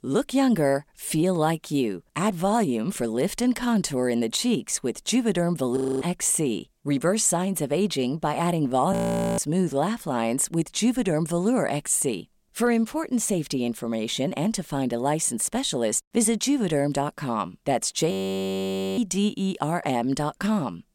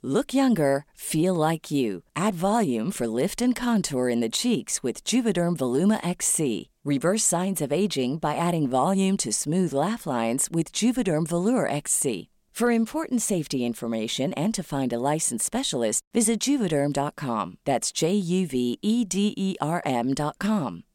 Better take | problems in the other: second | audio freezing; at 6 s, at 9 s and at 18 s for 1 s

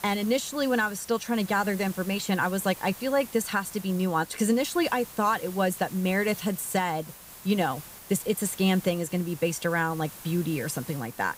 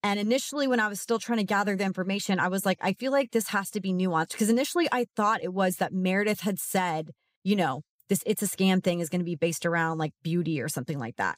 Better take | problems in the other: second | hiss; noticeable; throughout; 15 dB below the speech

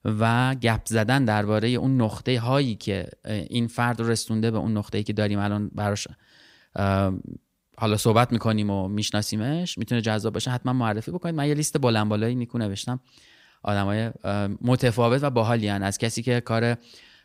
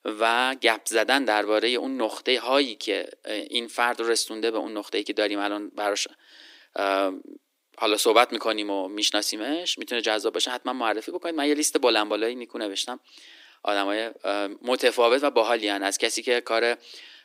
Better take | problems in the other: first | thin; somewhat; fading below 300 Hz

